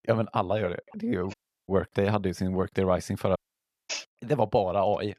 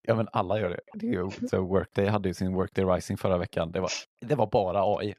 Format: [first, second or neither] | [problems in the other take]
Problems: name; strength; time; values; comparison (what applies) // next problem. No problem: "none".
second | audio cutting out; at 1.5 s and at 3.5 s for 0.5 s